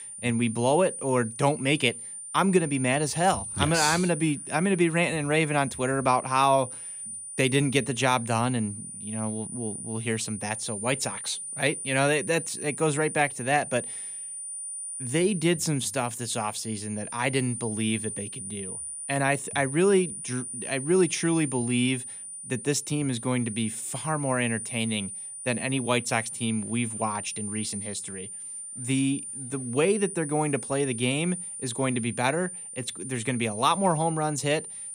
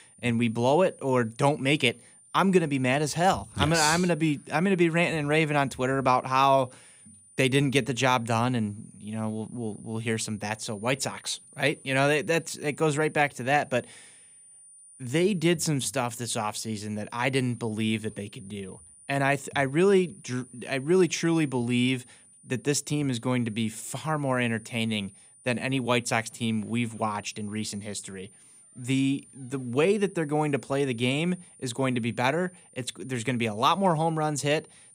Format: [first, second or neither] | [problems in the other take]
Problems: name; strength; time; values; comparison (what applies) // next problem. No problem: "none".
second | high-pitched whine; loud; throughout; 9.5 kHz, 8 dB below the speech; faint in the second